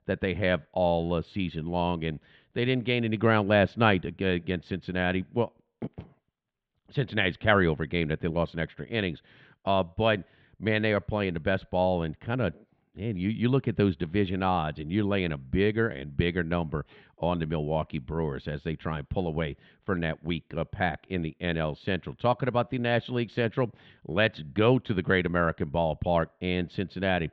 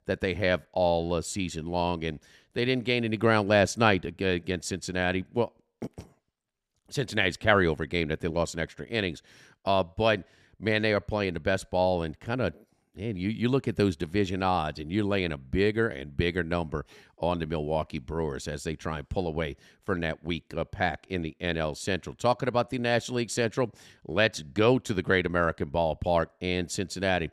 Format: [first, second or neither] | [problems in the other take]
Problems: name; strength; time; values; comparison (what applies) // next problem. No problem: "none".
second | muffled; very; fading above 3.5 kHz